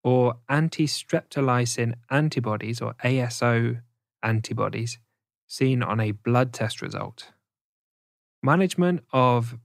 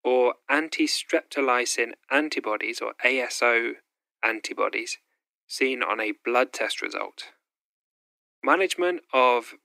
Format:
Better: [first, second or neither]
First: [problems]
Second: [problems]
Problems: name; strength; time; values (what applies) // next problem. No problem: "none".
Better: first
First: none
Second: thin; very; fading below 300 Hz